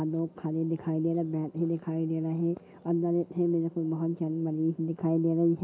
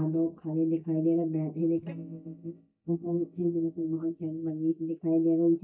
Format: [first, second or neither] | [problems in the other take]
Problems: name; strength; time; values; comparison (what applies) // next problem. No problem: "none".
first | noise reduction (neural mask model DeepFilterNet 3)